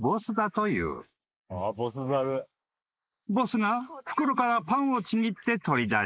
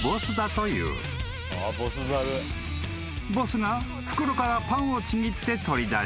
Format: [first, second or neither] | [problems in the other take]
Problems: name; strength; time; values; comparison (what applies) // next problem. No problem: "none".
second | noise reduction (neural mask model Resemble Enhance denoiser)